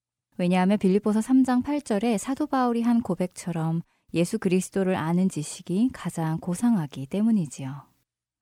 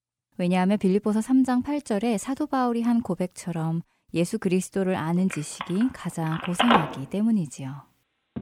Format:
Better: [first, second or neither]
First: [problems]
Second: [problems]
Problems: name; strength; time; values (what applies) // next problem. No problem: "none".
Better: first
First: none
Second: phone ringing; loud; from 5.5 s on; peak 4 dB above the speech